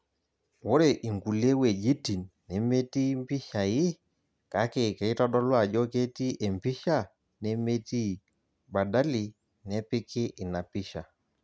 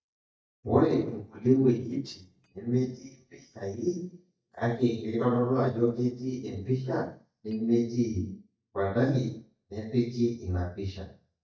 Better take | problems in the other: first | noise reduction (neural mask model DeepFilterNet 3)

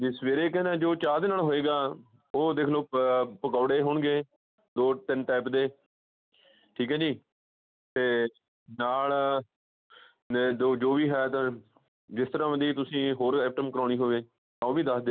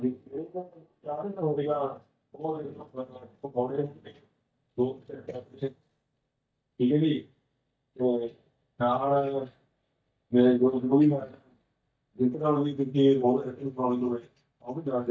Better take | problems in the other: first | noise reduction (neural mask model DeepFilterNet 3)

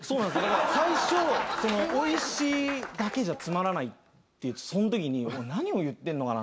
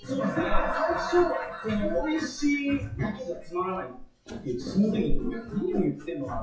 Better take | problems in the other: first | noise reduction (classical method WPE with log-MMSE)

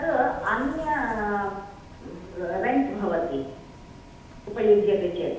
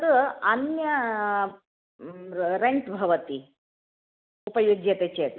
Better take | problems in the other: second | background sound (Bus); 18 dB below the speech // room echo; dies away in 0.8 s

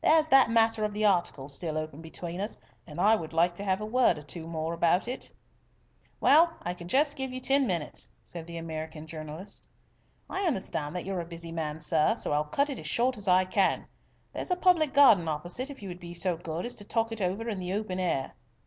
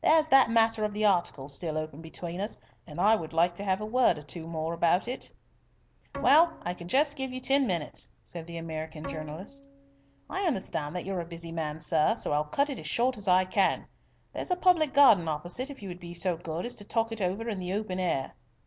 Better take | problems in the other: first | background sound (Bowed string instrument); 18 dB below the speech

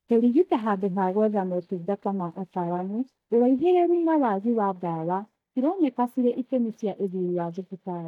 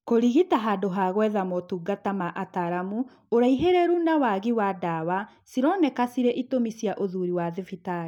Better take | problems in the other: second | noise reduction (neural mask model DeepFilterNet 3)

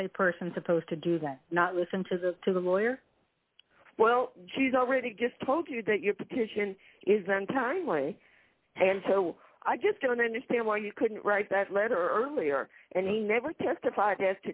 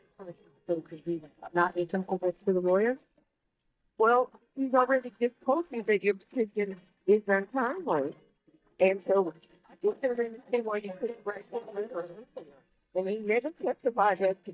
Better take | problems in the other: first | noise reduction (neural mask model DeepFilterNet 3)

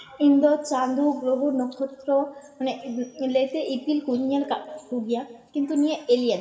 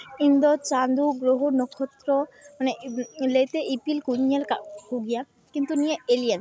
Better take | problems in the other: second | room echo; dies away in 2.9 s

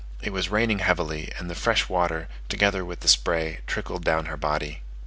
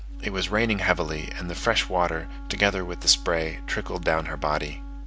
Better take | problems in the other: first | background sound (Wind instrument, woodwind instrument); 19 dB below the speech

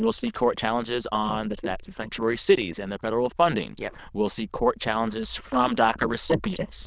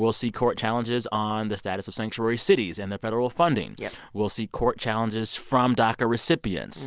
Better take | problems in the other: second | noise reduction (neural diffusion model UNIVERSE++)

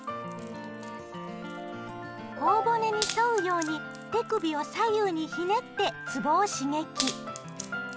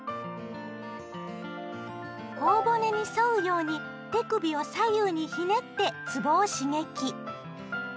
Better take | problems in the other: second | background sound (Wood); 14 dB below the speech

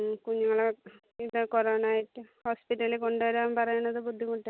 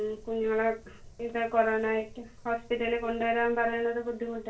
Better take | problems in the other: first | background sound (Wind); 20 dB below the speech // room echo; dies away in 0.3 s

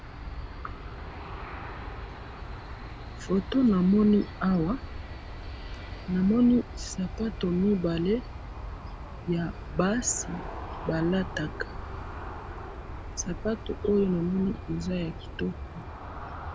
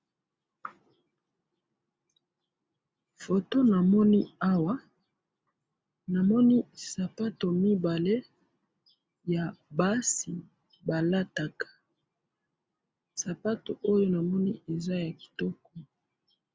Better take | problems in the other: second | background sound (Aircraft); 9 dB below the speech

